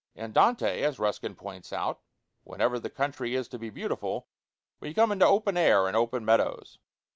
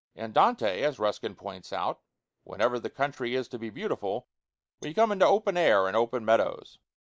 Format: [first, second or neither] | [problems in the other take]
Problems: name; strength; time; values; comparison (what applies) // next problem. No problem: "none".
first | noise reduction (neural mask model Resemble Enhance denoiser)